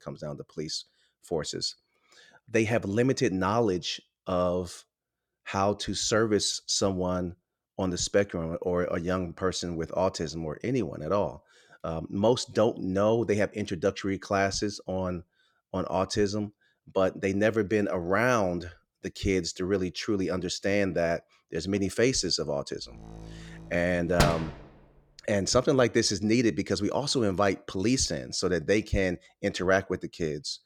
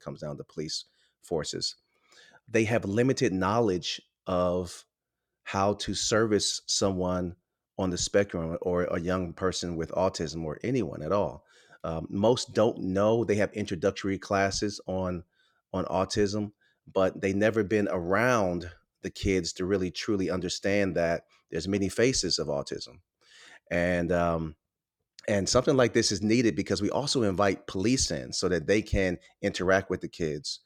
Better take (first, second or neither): second